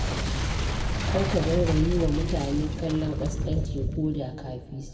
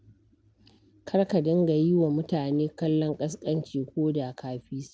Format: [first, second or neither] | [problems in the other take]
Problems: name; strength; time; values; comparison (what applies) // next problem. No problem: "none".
second | background sound (Boom); 1 dB above the speech // room echo; dies away in 1.7 s